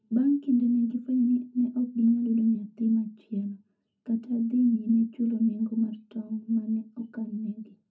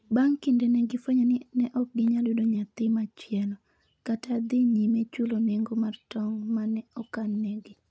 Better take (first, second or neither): second